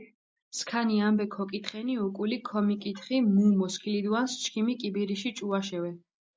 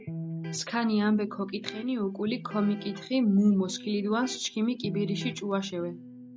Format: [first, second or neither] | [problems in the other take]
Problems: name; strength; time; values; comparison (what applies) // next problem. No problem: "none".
first | background sound (Electric guitar); 12 dB below the speech